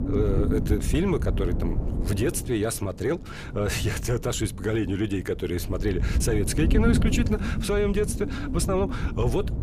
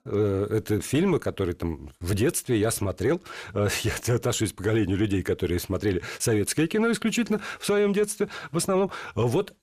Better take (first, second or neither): second